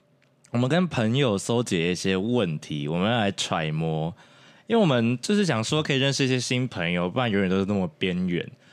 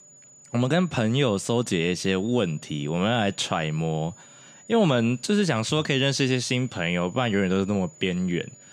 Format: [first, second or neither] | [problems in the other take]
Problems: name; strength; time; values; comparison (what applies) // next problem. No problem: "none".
first | high-pitched whine; faint; throughout; 7 kHz, 25 dB below the speech